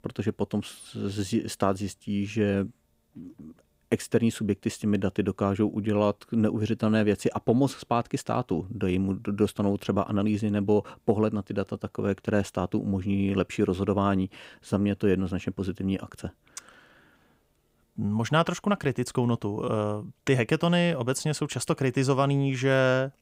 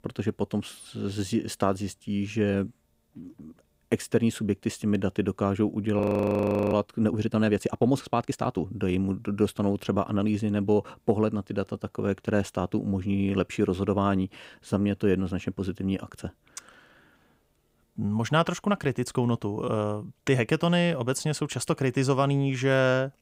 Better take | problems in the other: first | audio freezing; at 6 s for 0.5 s

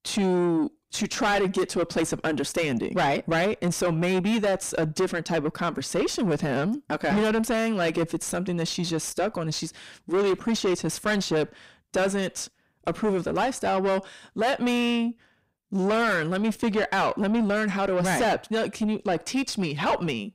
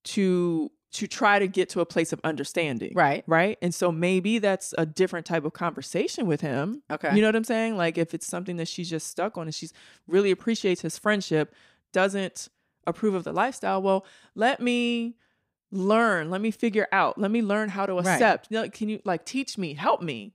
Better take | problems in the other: second | distortion; heavy; 5 dB below the speech

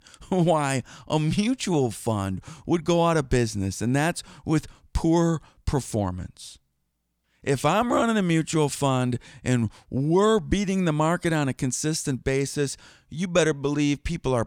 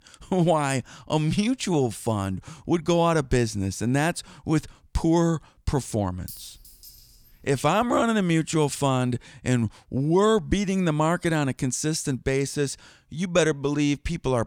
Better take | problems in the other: first | clattering dishes; faint; from 6.5 to 7.5 s; peak 15 dB below the speech

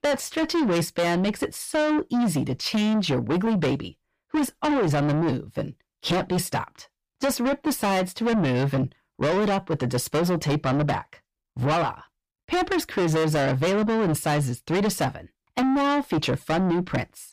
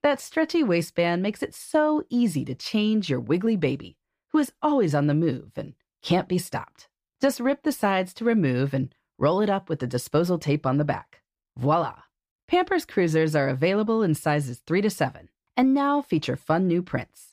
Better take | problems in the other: second | distortion; heavy; 7 dB below the speech

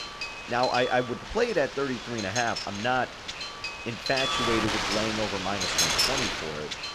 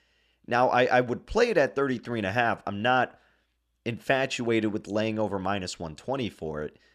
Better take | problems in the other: second | wind noise on the microphone; heavy; as loud as the speech

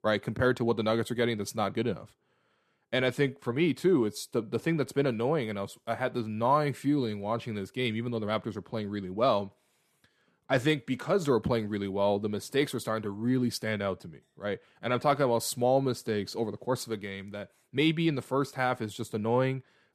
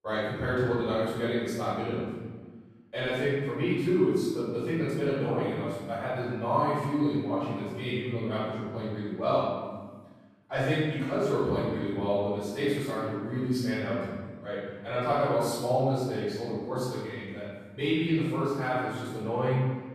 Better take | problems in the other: first | off-mic speech; far // room echo; strong; dies away in 1.4 s

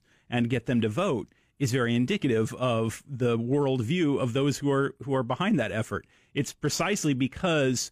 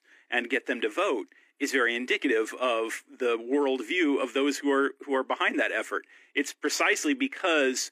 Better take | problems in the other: first | thin; somewhat; fading below 250 Hz

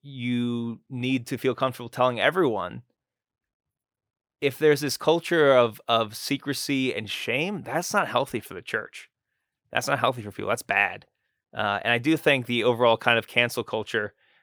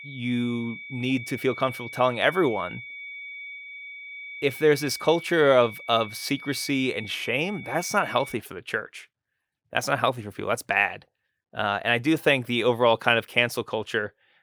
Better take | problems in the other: first | high-pitched whine; noticeable; until 8.5 s; 2.5 kHz, 15 dB below the speech

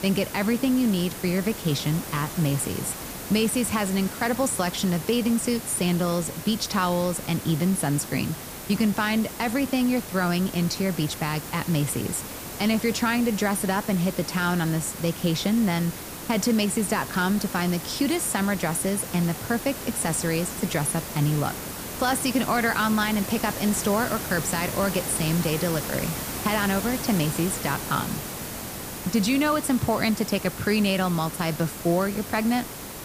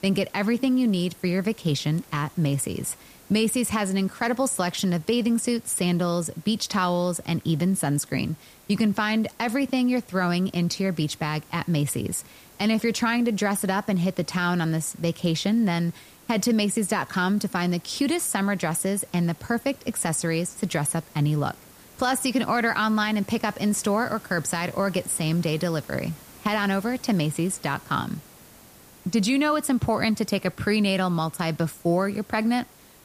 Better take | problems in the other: second | hiss; loud; throughout; 8 dB below the speech; faint in the second

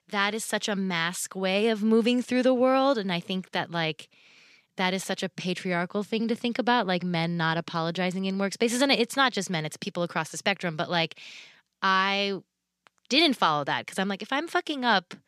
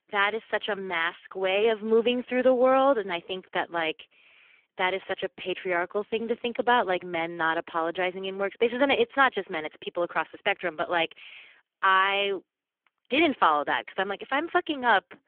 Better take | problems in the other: first | phone-call audio; poor line; nothing above 3.5 kHz

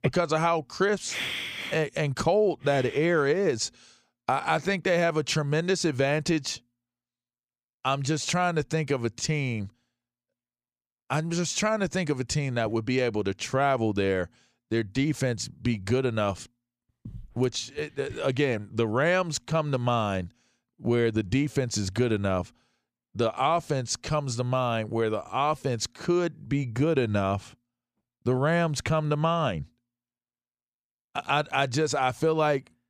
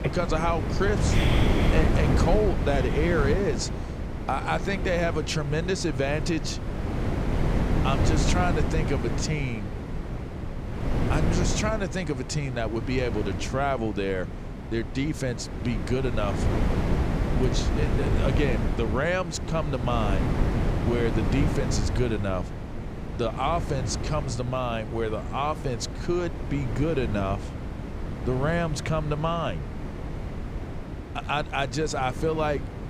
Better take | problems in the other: first | wind noise on the microphone; heavy; 6 dB below the speech

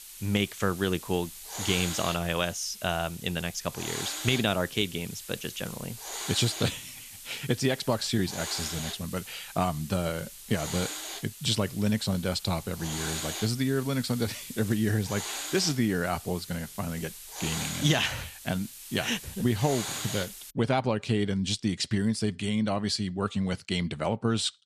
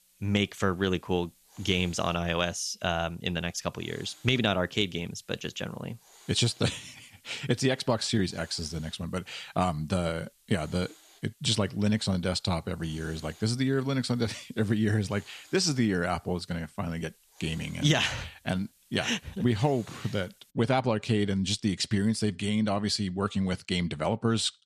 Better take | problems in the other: second | hiss; loud; until 21 s; 8 dB below the speech; faint in the second

